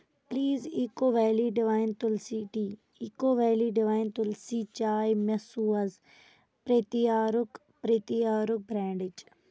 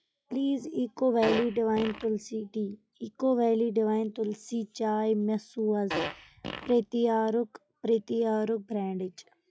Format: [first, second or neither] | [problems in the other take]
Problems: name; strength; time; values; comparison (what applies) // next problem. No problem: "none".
first | noise reduction (classical method log-MMSE)